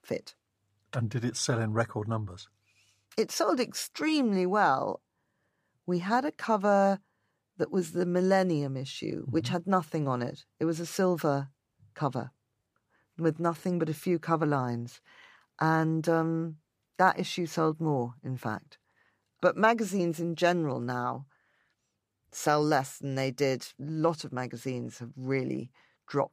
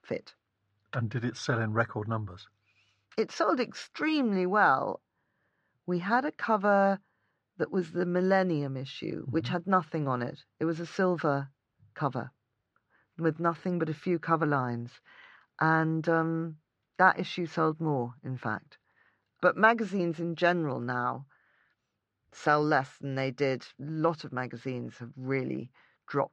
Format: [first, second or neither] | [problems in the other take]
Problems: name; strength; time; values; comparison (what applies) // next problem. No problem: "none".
first | muffled; very slightly; fading above 4.5 kHz